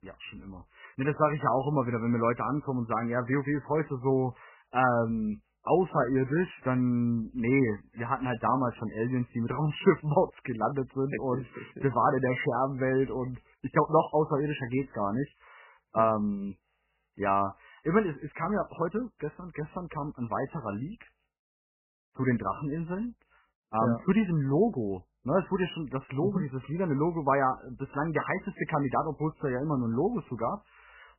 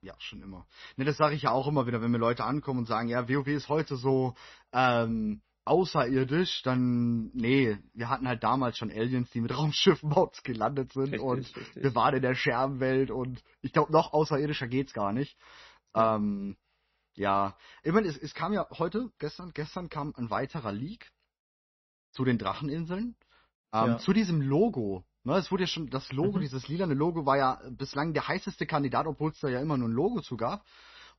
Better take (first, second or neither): second